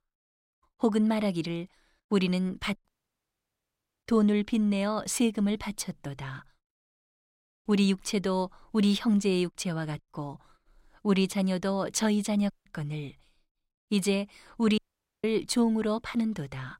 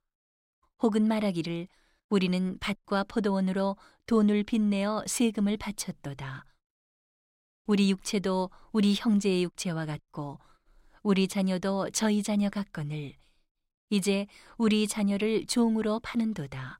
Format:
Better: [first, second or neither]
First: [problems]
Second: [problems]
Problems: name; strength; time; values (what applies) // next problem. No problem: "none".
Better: second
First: audio cutting out; at 3 s for 1 s, at 13 s and at 15 s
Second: none